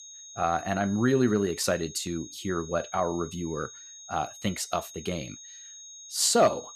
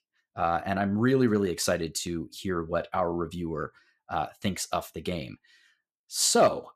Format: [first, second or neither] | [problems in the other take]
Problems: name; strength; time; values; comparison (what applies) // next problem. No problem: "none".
second | high-pitched whine; noticeable; throughout; 6.5 kHz, 15 dB below the speech